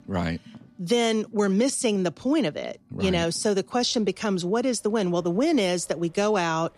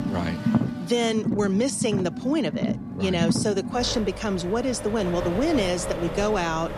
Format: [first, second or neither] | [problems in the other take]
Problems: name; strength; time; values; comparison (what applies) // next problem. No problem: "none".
first | traffic noise; loud; throughout; 4 dB below the speech; faint in the first